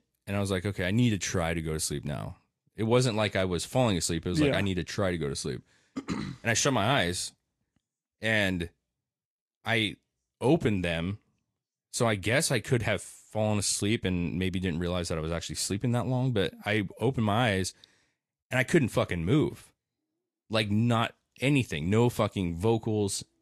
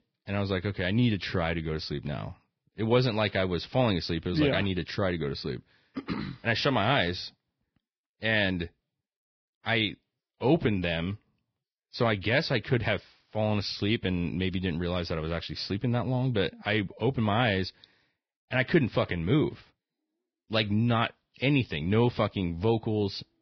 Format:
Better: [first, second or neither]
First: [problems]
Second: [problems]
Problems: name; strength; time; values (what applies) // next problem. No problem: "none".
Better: first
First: garbled, watery; slightly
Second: garbled, watery; badly; nothing above 5.5 kHz